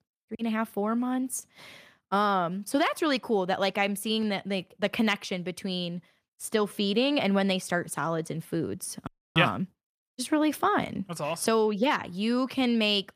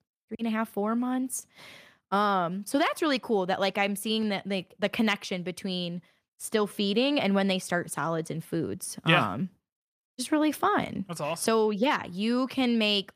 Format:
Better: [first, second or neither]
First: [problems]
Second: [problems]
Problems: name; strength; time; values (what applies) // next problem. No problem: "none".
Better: second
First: audio freezing; at 9 s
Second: none